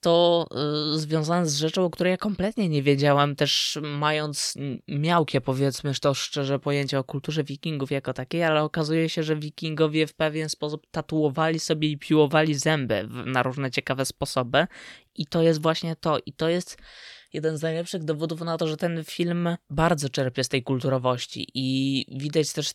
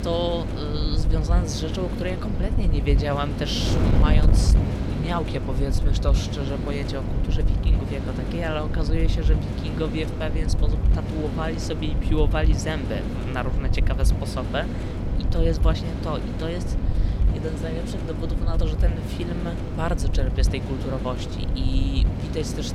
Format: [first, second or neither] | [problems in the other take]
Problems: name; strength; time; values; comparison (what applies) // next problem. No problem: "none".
first | wind noise on the microphone; heavy; 4 dB below the speech